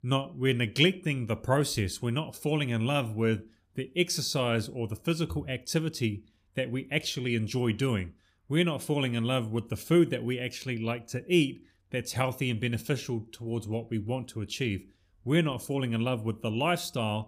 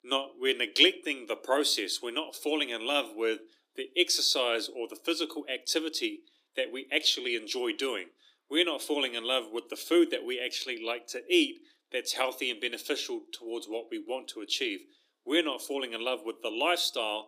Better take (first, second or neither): first